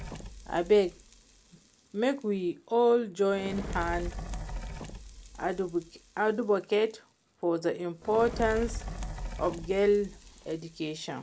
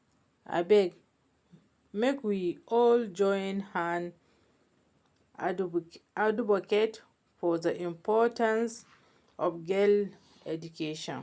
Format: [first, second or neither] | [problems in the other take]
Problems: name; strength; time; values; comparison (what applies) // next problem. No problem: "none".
second | background sound (Fire); 11 dB below the speech